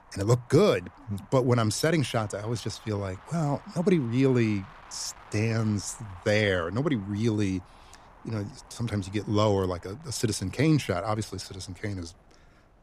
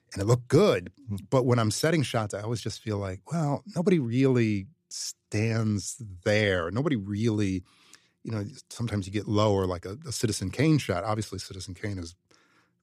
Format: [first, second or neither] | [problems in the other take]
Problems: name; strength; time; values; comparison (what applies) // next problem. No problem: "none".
second | wind noise on the microphone; occasional gusts; 20 dB below the speech